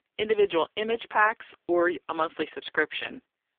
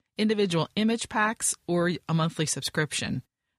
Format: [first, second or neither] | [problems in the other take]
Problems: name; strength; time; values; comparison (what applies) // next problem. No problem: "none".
second | phone-call audio; poor line; nothing above 3.5 kHz